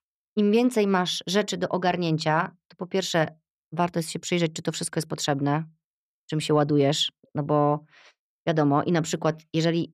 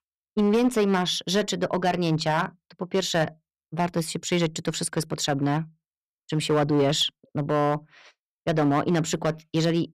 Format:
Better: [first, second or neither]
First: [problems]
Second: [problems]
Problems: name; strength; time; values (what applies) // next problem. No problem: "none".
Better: first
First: none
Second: distortion; slight; 4% of the sound clipped